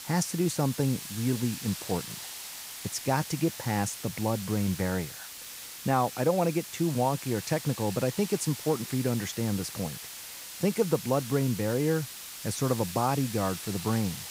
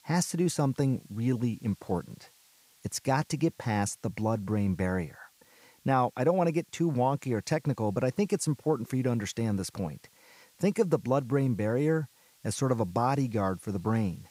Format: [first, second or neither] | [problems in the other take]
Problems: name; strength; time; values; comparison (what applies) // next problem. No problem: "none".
second | hiss; loud; throughout; 9 dB below the speech; faint in the second